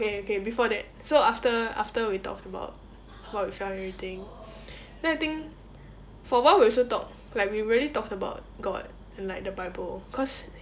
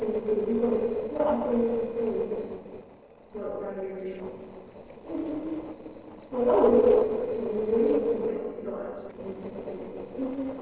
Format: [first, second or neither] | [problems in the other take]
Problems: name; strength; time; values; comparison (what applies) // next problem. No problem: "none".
first | noise reduction (neural separator model SepFormer DNS4)